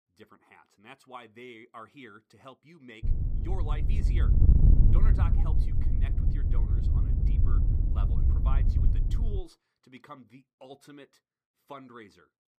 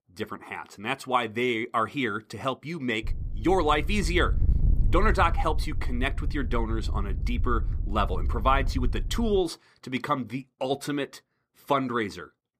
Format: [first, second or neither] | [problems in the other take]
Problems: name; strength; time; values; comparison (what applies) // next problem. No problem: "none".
second | wind noise on the microphone; heavy; from 3 to 9.5 s; 3 dB above the speech; occasional gusts in the second